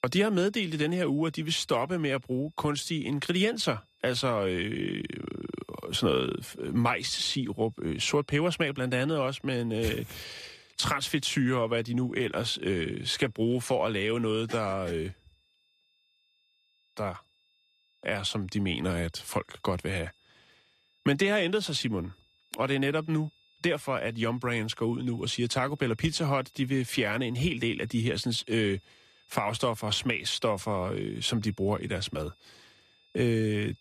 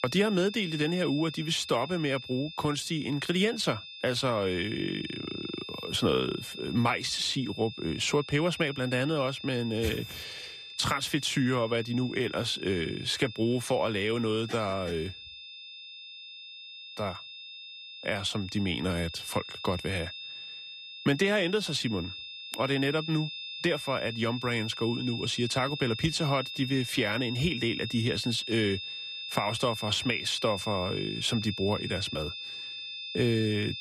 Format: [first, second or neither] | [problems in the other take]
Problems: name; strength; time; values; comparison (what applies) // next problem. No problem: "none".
first | high-pitched whine; loud; throughout; 3.5 kHz, 9 dB below the speech; faint in the first